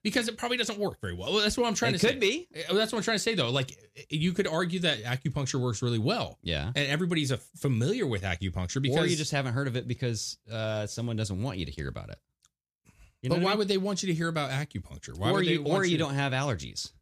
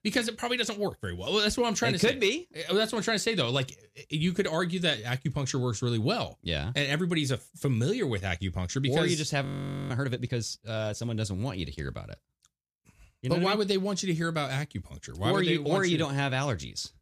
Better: first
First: none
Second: audio freezing; at 9.5 s

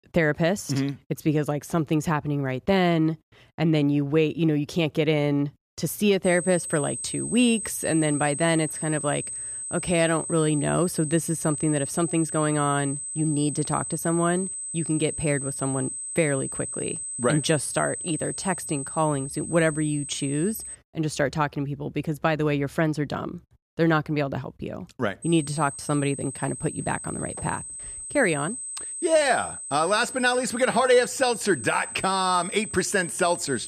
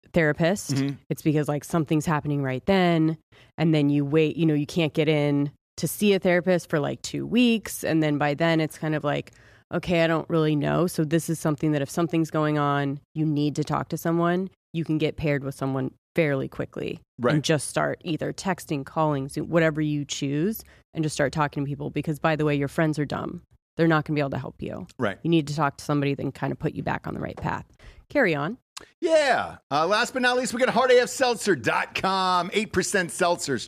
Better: second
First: high-pitched whine; loud; from 6 to 21 s and from 25 s on; 8 kHz, 7 dB below the speech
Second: none

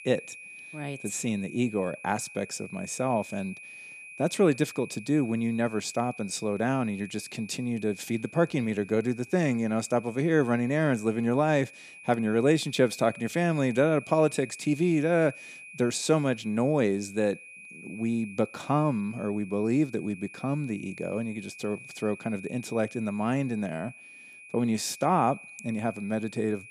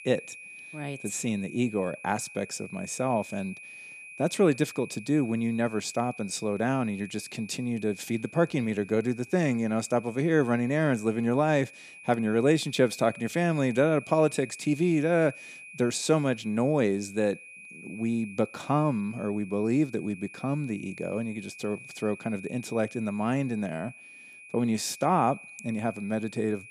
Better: neither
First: high-pitched whine; noticeable; throughout; 2.5 kHz, 15 dB below the speech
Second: high-pitched whine; noticeable; throughout; 2.5 kHz, 15 dB below the speech

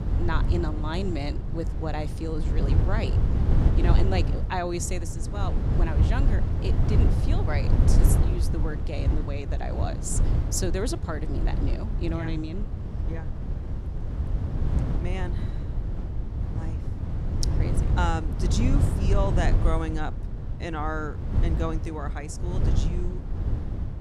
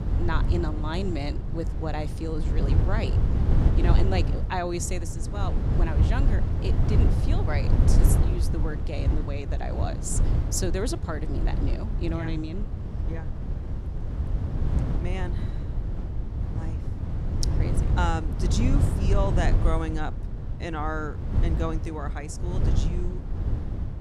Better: neither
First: low rumble; loud; throughout; 5 dB below the speech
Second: low rumble; loud; throughout; 5 dB below the speech

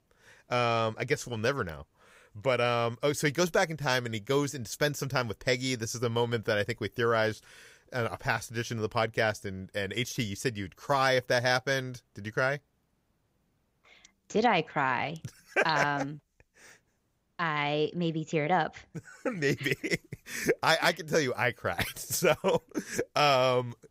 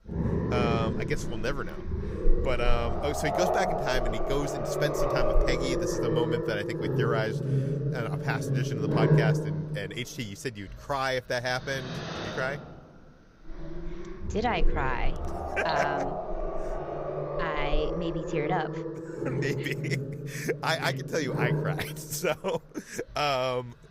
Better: first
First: none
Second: animal sounds; very loud; throughout; 1 dB above the speech

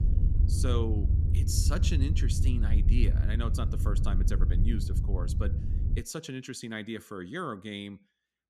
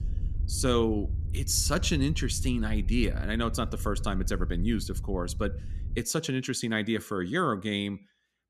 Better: second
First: low rumble; loud; until 6 s; 6 dB below the speech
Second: low rumble; faint; until 6 s; 20 dB below the speech

